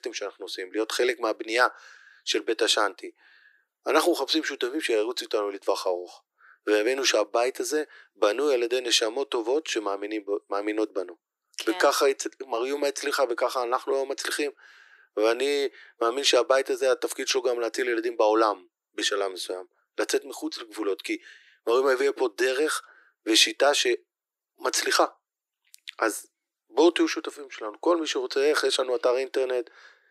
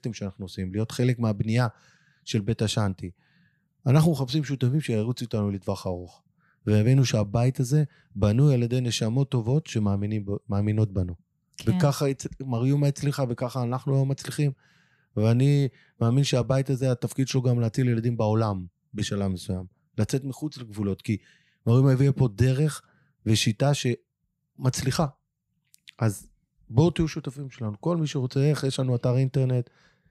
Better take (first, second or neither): second